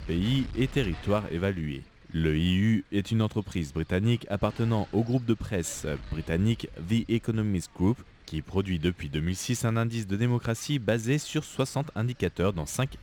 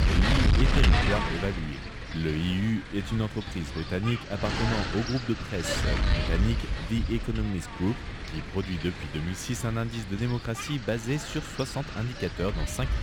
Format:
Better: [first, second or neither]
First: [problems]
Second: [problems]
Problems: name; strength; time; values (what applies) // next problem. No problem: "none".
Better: first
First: wind noise on the microphone; occasional gusts; 20 dB below the speech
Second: wind noise on the microphone; heavy; 1 dB above the speech